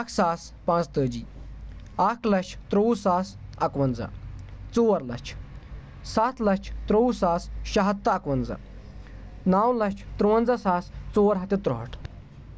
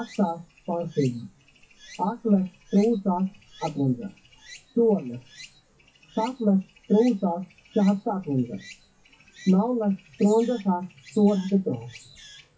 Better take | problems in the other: first | noise reduction (classical method WPE with log-MMSE)

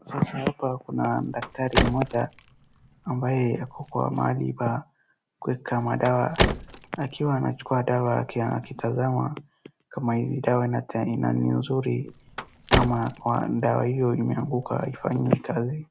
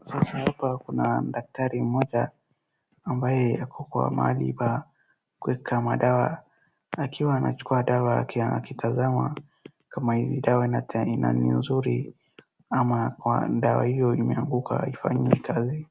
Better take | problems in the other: second | background sound (Car); 6 dB below the speech

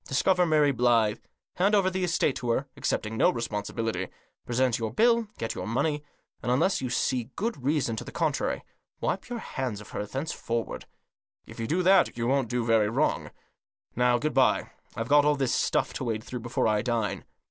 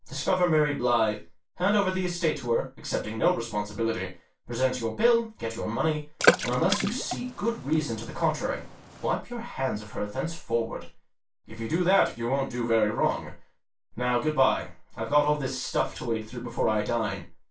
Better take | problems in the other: first | background sound (Water / Splash, splatter); 3 dB below the speech // room echo; dies away in 0.2 s

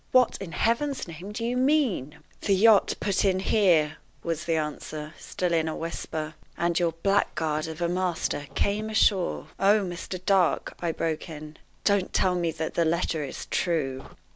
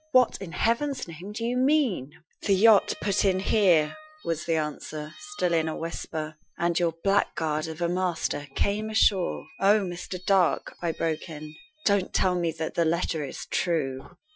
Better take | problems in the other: first | noise reduction (classical method Wiener filter)

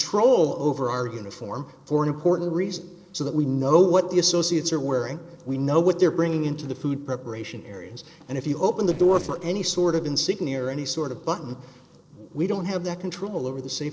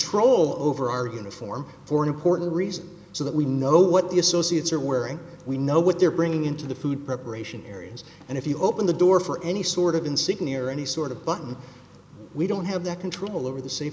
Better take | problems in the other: second | noise reduction (neural separator model SepFormer DNS4)

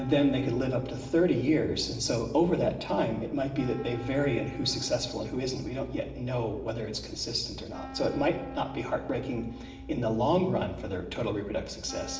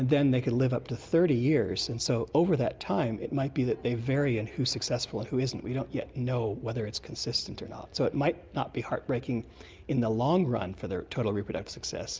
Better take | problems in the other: second | background sound (Wind instrument, woodwind instrument); 16 dB below the speech // room echo; dies away in 0.9 s

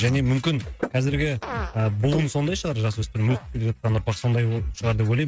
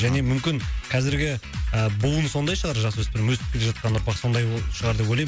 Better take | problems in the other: second | noise reduction (neural mask model RNNoise)

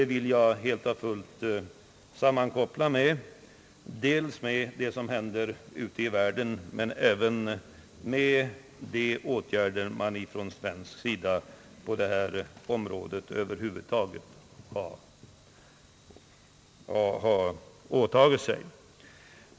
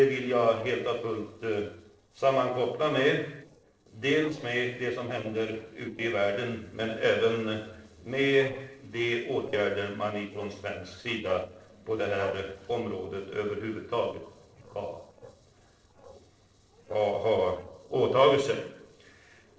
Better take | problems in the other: first | noise reduction (neural separator model SepFormer DNS4)

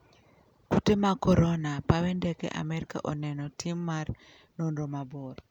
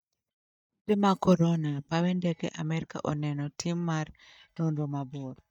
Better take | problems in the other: first | noise reduction (neural mask model DeepFilterNet 3)

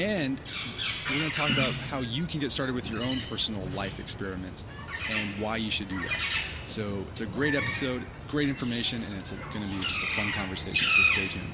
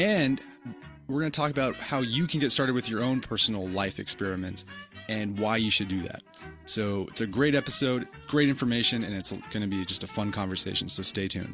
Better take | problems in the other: second | background sound (Bird); as loud as the speech

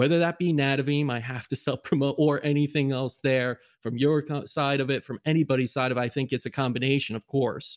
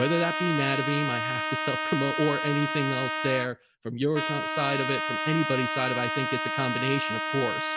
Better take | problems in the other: first | background sound (Trumpet); 1 dB below the speech

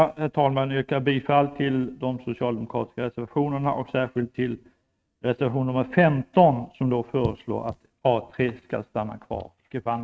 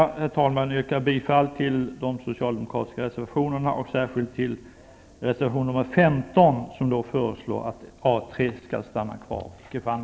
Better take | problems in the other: second | noise reduction (neural mask model RNNoise)

